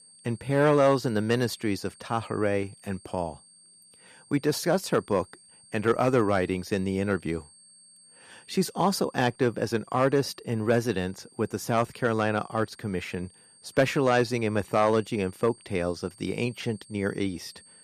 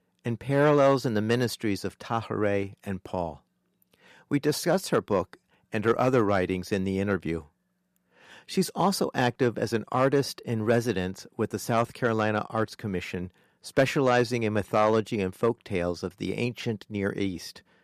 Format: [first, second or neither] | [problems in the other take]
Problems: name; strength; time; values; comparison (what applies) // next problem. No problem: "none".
second | high-pitched whine; faint; throughout; 8.5 kHz, 25 dB below the speech